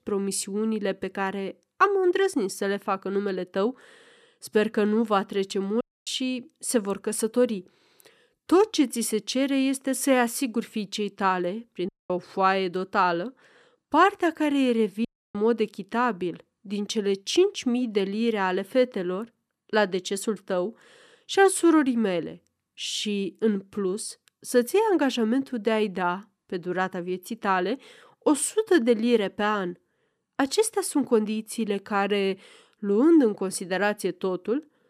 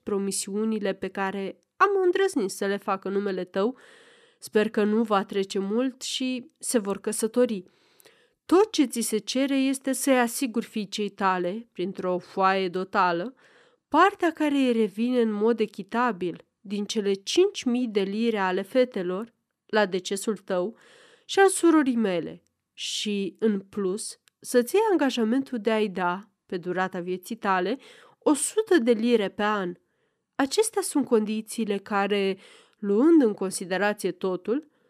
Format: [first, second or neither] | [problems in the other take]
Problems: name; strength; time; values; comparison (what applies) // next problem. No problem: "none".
second | audio cutting out; at 6 s, at 12 s and at 15 s